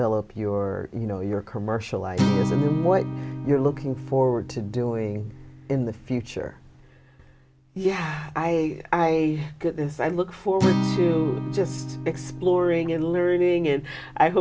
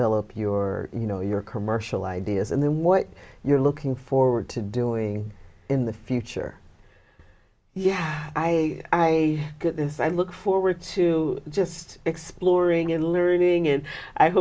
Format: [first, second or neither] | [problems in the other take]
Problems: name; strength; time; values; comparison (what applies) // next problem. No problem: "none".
second | background sound (Acoustic guitar); 7 dB below the speech